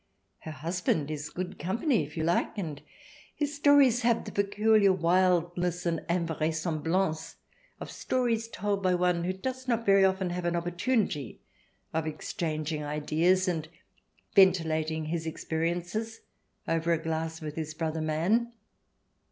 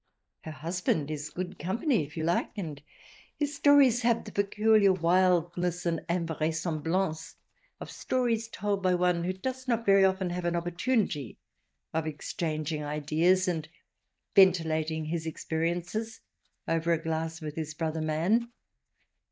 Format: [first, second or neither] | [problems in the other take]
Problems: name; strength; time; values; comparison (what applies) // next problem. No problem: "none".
first | noise reduction (neural mask model DeepFilterNet 3)